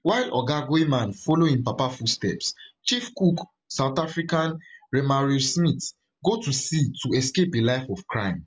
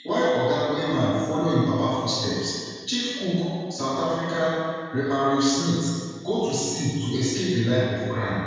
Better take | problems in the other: first | room echo; dies away in 1.8 s

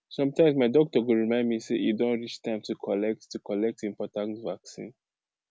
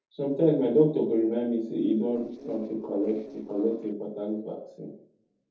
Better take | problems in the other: first | noise reduction (neural separator model SepFormer DNS4)

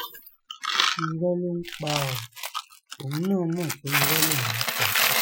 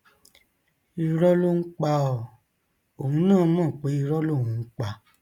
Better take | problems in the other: second | noise reduction (classical method Wiener filter)

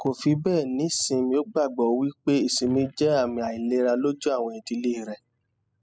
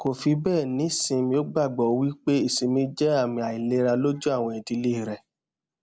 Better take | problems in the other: second | noise reduction (classical method spectral subtraction)

